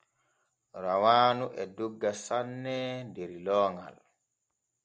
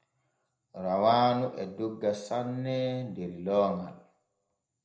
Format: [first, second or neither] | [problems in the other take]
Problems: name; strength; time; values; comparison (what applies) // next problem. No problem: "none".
first | room echo; dies away in 0.5 s